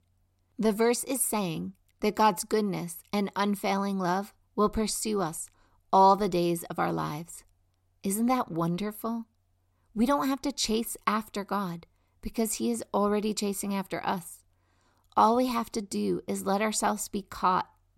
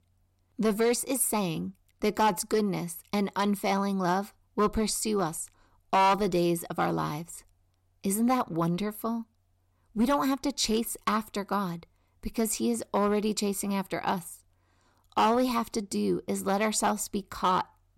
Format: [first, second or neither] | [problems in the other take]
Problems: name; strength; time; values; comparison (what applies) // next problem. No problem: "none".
first | distortion; slight; 2% of the sound clipped